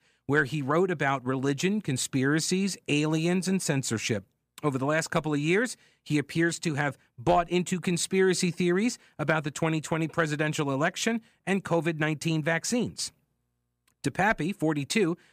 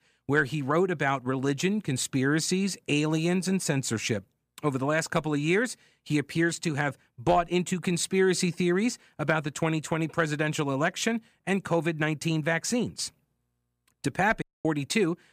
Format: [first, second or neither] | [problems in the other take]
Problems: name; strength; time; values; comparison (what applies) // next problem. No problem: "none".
first | audio cutting out; at 14 s